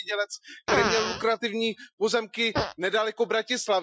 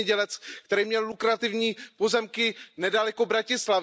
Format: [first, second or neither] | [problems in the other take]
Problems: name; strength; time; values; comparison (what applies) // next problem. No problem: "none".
second | noise reduction (classical method Wiener filter)